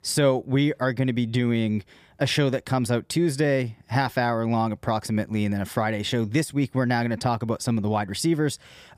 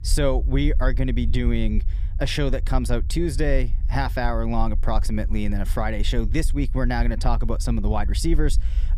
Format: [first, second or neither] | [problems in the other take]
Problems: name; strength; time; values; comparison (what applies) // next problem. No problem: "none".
first | low rumble; faint; throughout; 20 dB below the speech